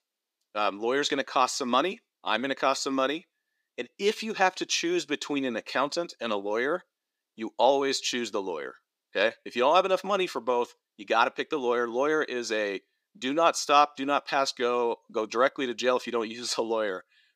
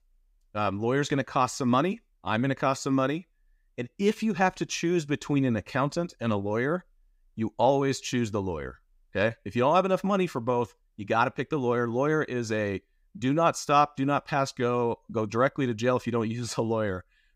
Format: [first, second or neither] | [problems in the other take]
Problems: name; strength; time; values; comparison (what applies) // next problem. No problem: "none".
second | thin; somewhat; fading below 300 Hz